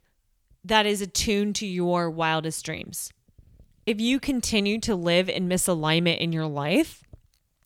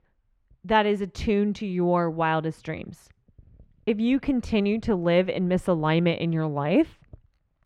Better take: first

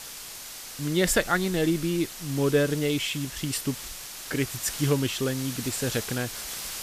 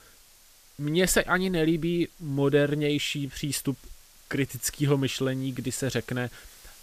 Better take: second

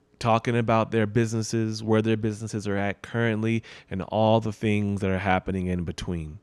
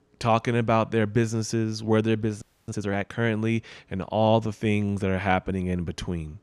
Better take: first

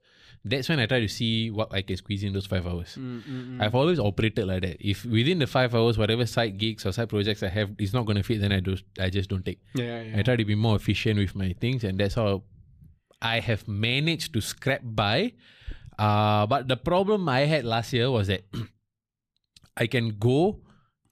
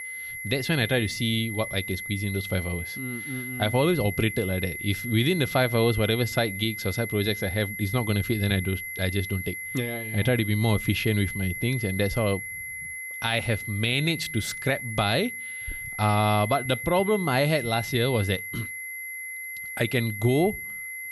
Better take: first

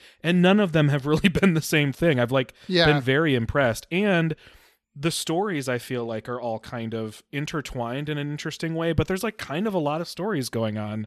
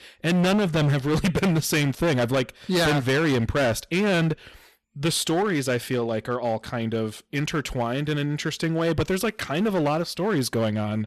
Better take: first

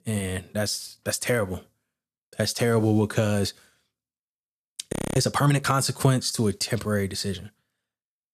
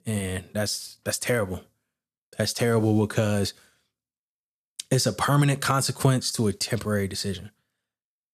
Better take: second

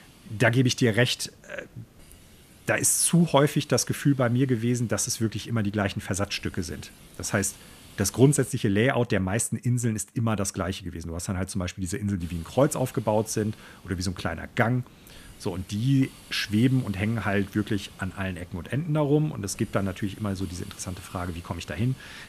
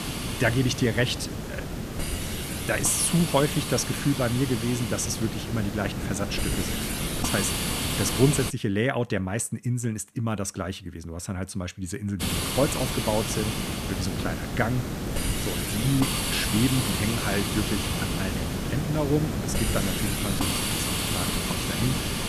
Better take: first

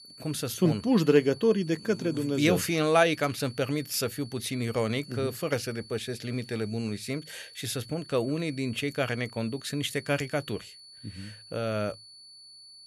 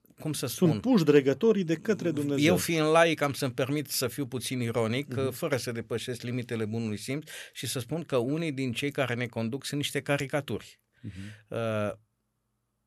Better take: second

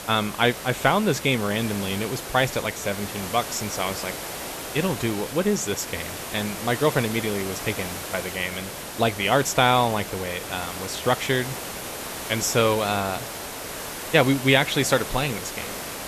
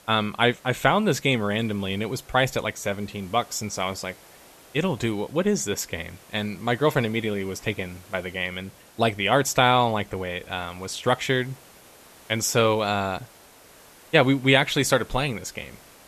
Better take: second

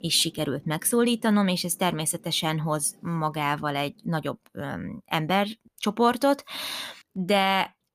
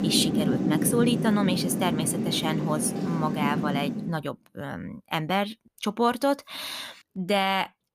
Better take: first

